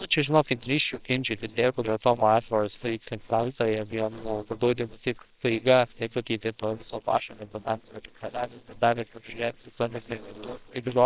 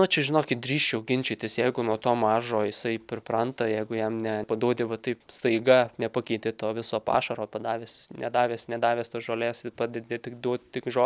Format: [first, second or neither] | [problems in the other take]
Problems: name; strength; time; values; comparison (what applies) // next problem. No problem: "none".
second | noise reduction (neural separator model SepFormer WHAMR!)